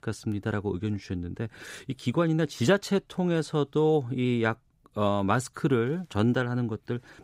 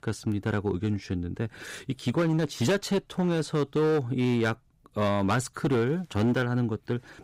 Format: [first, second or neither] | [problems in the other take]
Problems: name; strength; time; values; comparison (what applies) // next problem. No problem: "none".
first | distortion; slight; 9% of the sound clipped